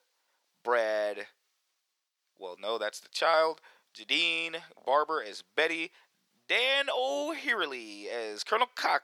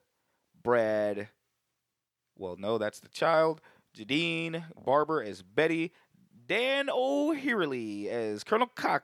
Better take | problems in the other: second | thin; somewhat; fading below 600 Hz

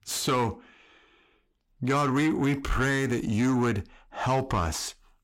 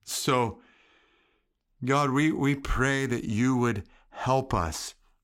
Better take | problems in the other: second | distortion; slight; 10 dB below the speech

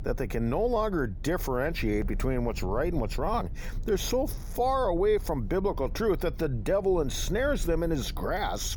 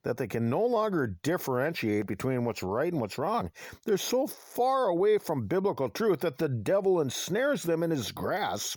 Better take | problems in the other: second | low rumble; faint; throughout; 25 dB below the speech

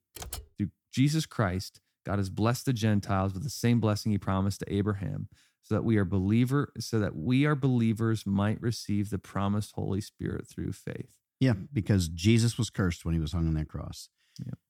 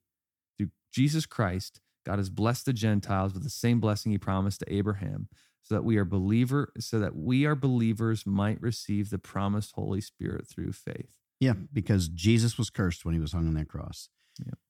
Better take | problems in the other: second | keyboard typing; faint; at the start; peak 10 dB below the speech

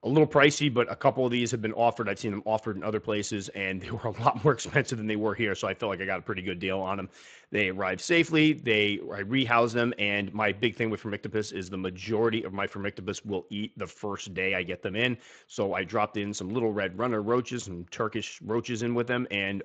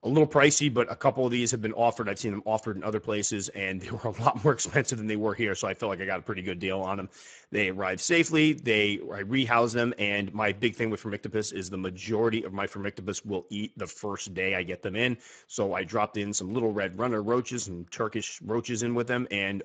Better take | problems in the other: first | garbled, watery; badly; nothing above 7.5 kHz; slightly in the first

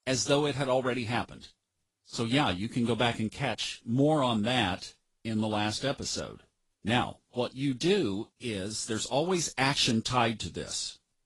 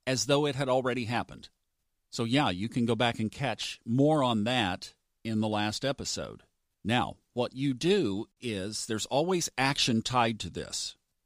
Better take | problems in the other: second | garbled, watery; slightly

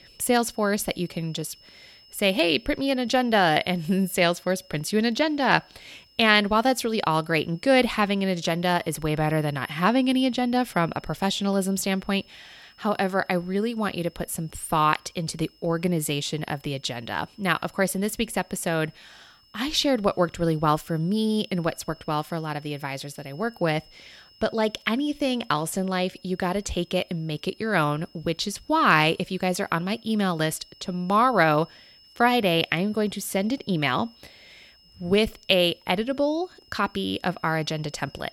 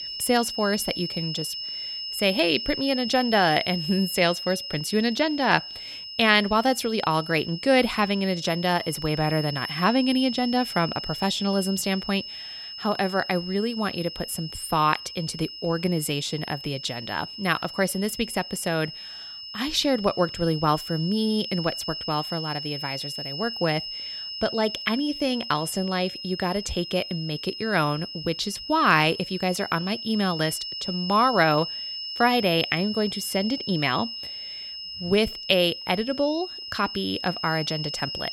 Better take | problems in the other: first | high-pitched whine; loud; throughout; 5 kHz, 8 dB below the speech; faint in the first

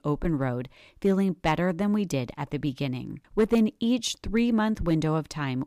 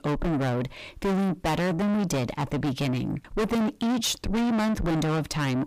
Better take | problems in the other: first | distortion; heavy; 5 dB below the speech

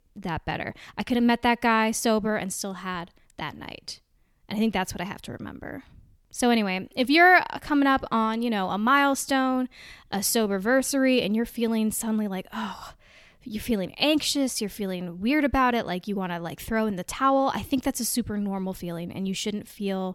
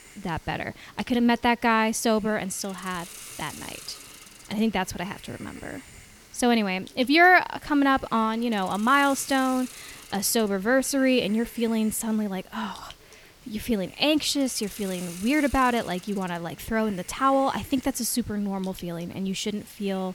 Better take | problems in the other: first | hiss; noticeable; throughout; 20 dB below the speech

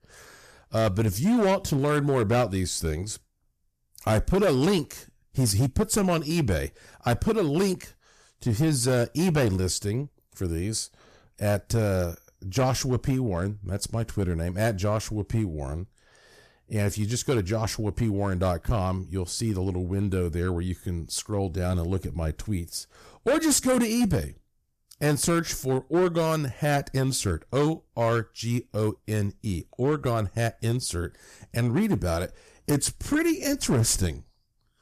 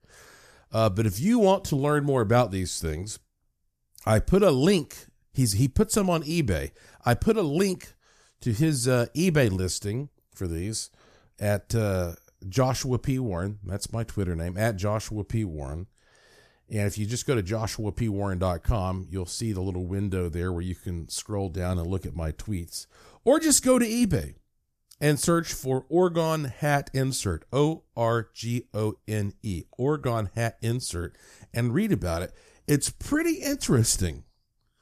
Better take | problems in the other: second | distortion; slight; 6% of the sound clipped

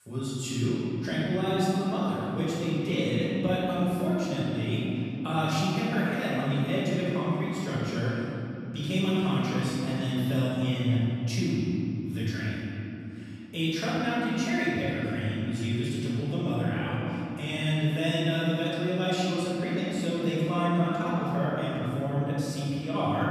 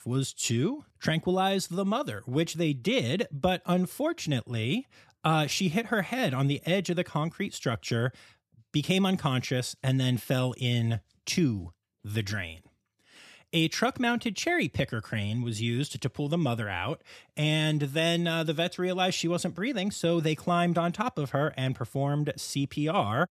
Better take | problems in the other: second | room echo; strong; dies away in 3 s // off-mic speech; far

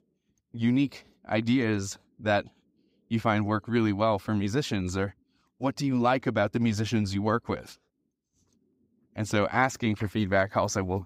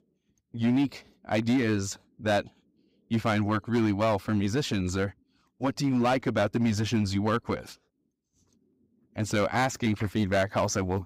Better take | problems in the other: first | distortion; slight; 6% of the sound clipped

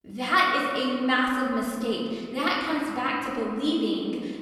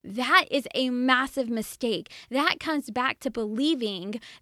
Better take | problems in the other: second | room echo; noticeable; dies away in 2 s // off-mic speech; far

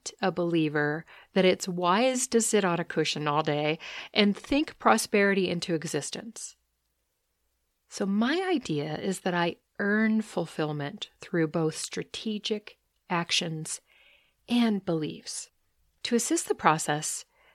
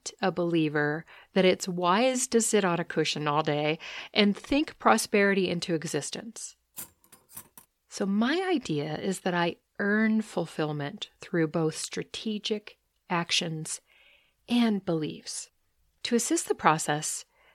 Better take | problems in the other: first | clattering dishes; faint; at 7 s; peak 15 dB below the speech

